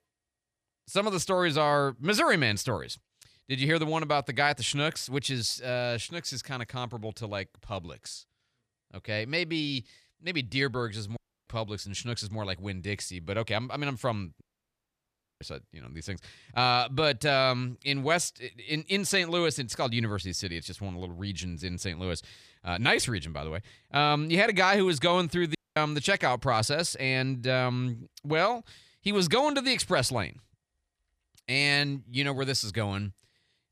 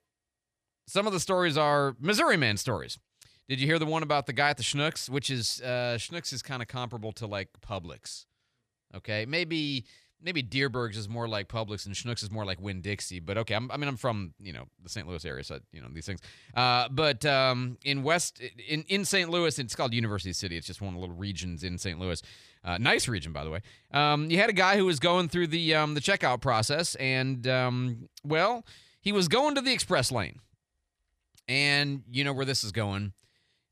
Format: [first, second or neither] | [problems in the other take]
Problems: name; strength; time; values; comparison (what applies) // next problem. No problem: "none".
second | audio cutting out; at 11 s, at 14 s for 1 s and at 26 s